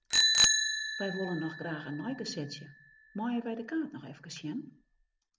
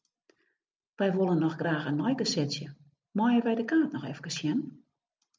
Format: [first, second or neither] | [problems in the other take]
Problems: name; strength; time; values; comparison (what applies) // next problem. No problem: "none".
second | background sound (Bicycle bell); 5 dB above the speech